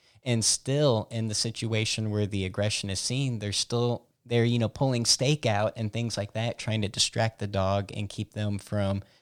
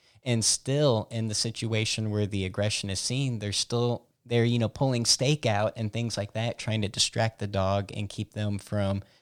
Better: neither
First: none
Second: none

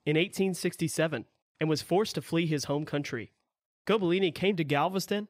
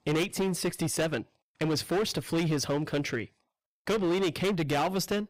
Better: first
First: none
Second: distortion; heavy; 17% of the sound clipped

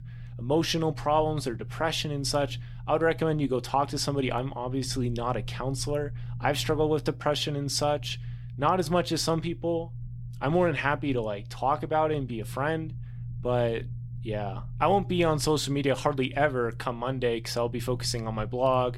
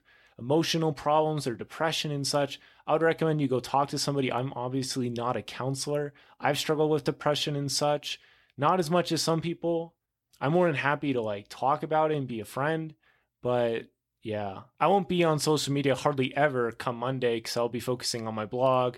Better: second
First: low rumble; faint; throughout; 25 dB below the speech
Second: none

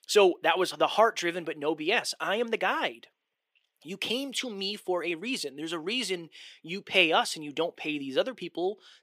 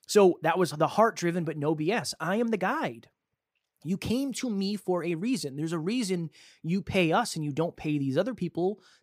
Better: second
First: thin; somewhat; fading below 400 Hz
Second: none

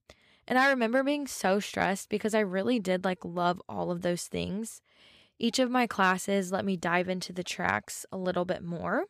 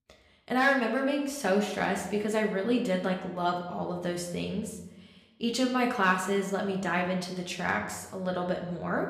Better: first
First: none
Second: room echo; slight; dies away in 0.8 s // off-mic speech; somewhat distant

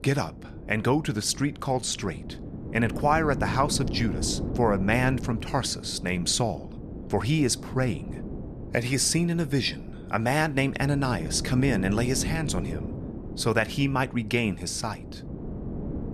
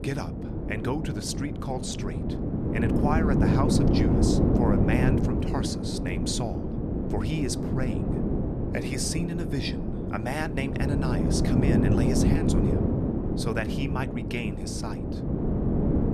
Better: first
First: wind noise on the microphone; occasional gusts; 15 dB below the speech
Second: wind noise on the microphone; heavy; 1 dB above the speech

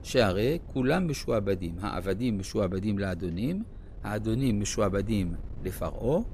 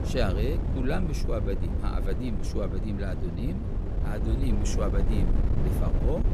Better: first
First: wind noise on the microphone; occasional gusts; 25 dB below the speech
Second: wind noise on the microphone; heavy; 4 dB below the speech

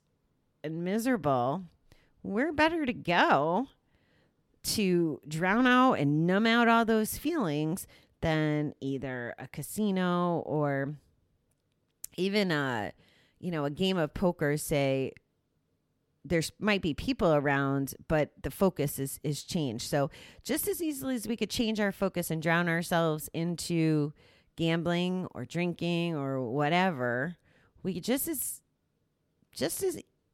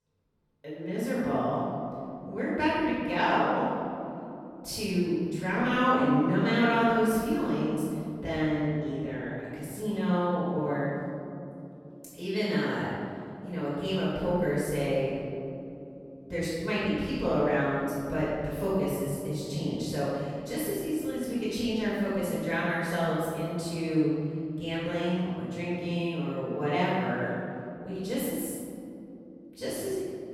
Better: first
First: none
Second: off-mic speech; far // room echo; strong; dies away in 2.5 s

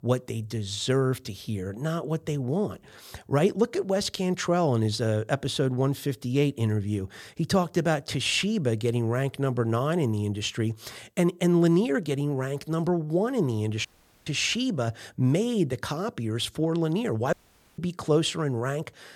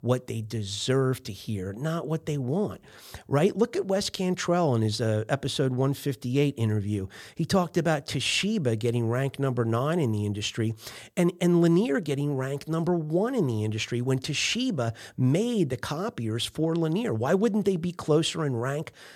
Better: second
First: audio cutting out; at 14 s and at 17 s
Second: none

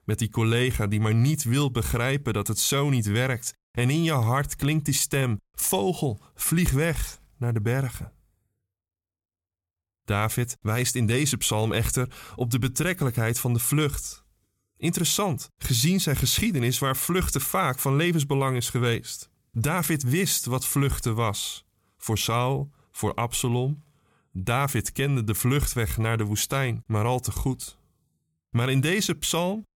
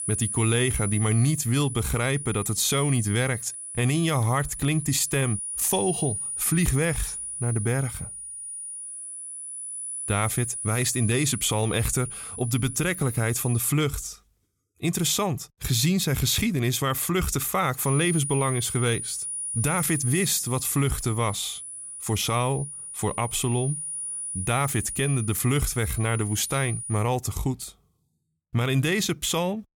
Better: first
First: none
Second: high-pitched whine; loud; until 14 s and from 18 to 27 s; 9.5 kHz, 6 dB below the speech

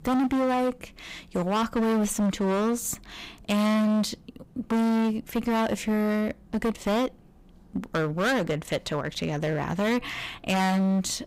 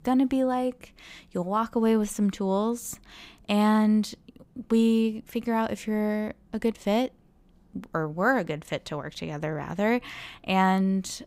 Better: second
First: distortion; heavy; 22% of the sound clipped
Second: none

